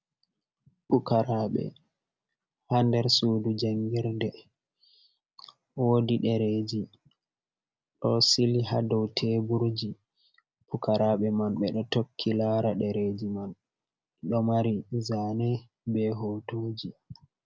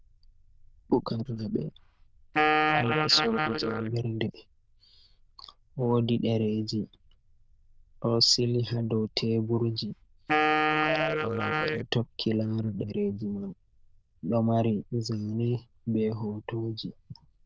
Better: first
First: none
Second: noise reduction (neural diffusion model UNIVERSE++)

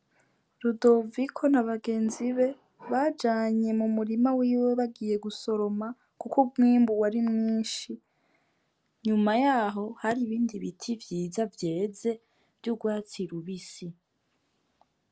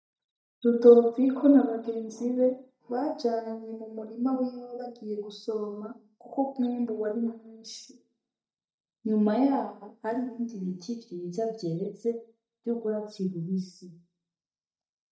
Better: first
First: none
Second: noise reduction (neural mask model DeepFilterNet 3)

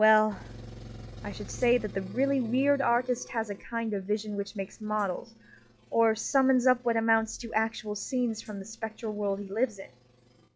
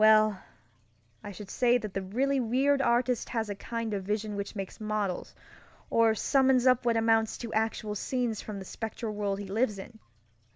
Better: second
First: noise reduction (classical method log-MMSE)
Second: none

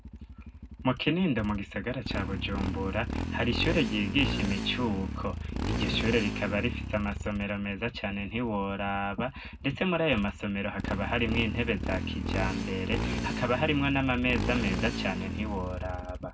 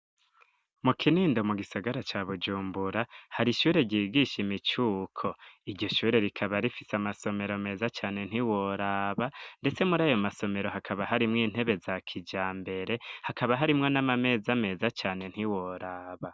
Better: second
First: background sound (Motorcycle); 3 dB below the speech // room echo; dies away in 0.3 s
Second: none

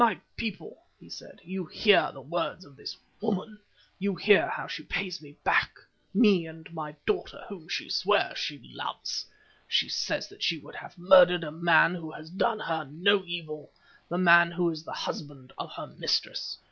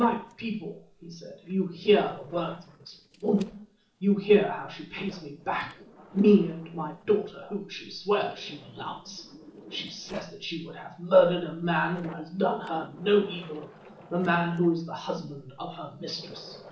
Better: first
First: none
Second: noise reduction (neural separator model SepFormer DNS4)

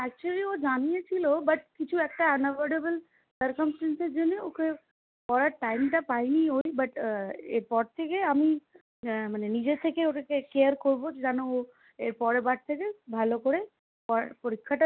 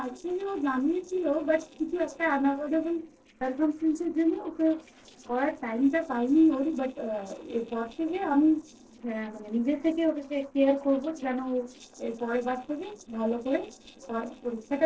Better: first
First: none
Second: noise reduction (neural separator model SepFormer DNS4)

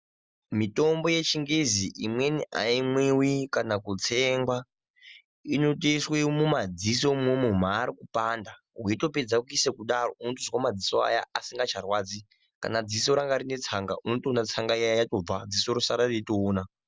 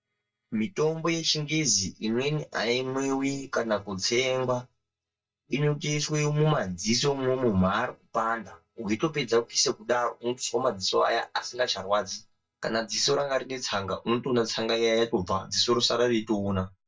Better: first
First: none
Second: noise reduction (neural mask model DeepFilterNet 3)

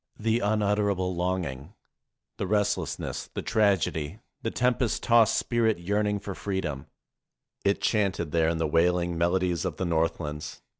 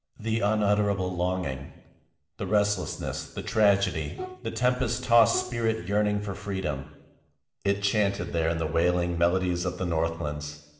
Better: first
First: none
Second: background sound (Bowed string instrument); 15 dB below the speech // room echo; dies away in 0.9 s

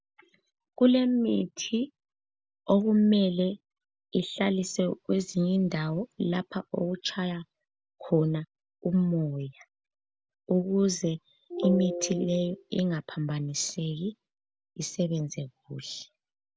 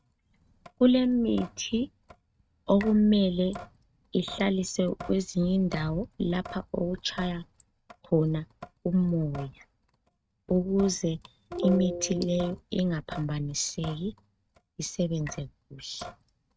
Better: first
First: none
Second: noise reduction (neural mask model RNNoise)

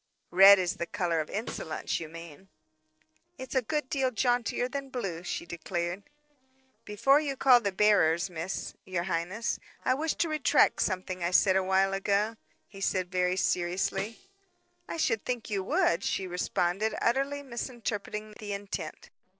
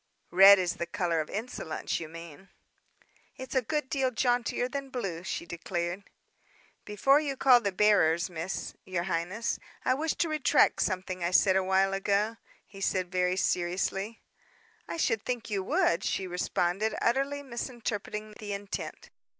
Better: second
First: noise reduction (neural separator model SepFormer DNS4)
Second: none

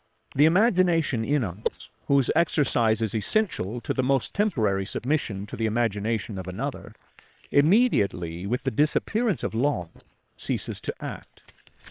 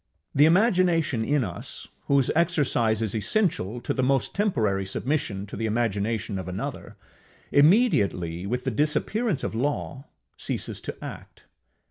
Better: second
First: noise reduction (neural separator model SepFormer WHAM!)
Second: none

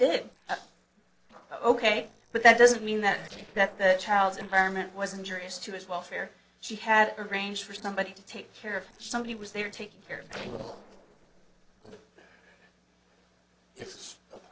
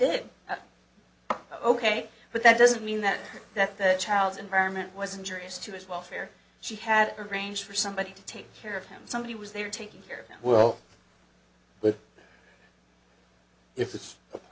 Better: second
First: noise reduction (neural separator model SepFormer DNS4)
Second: none

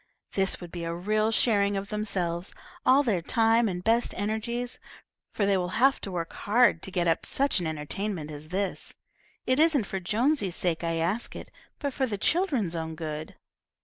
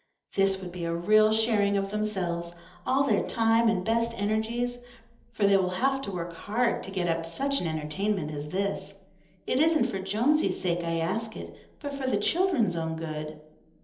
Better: first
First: none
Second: room echo; dies away in 1.2 s

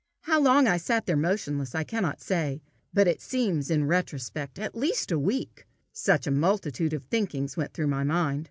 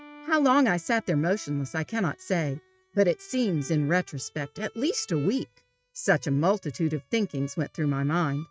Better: first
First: none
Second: noise reduction (neural mask model RNNoise)

